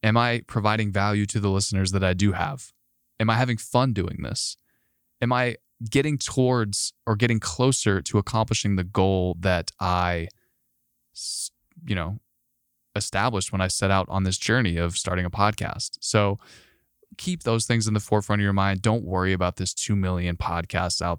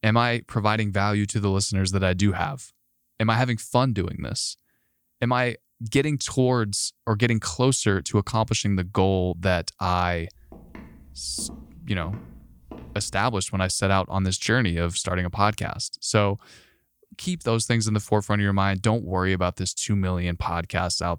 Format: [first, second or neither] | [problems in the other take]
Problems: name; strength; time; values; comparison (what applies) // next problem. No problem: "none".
first | footsteps; faint; from 10 to 13 s; peak 15 dB below the speech